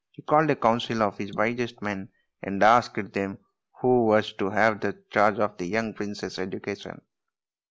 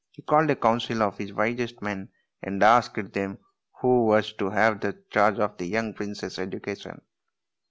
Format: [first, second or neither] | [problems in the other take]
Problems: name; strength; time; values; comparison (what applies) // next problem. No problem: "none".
second | noise reduction (neural mask model Resemble Enhance denoiser)